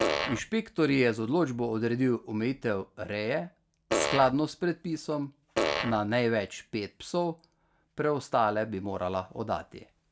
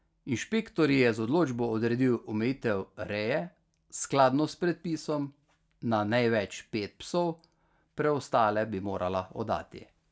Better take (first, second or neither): second